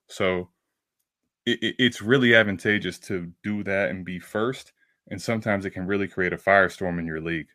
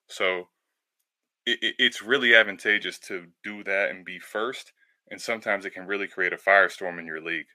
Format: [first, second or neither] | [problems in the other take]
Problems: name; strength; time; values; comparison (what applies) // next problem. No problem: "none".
first | thin; somewhat; fading below 400 Hz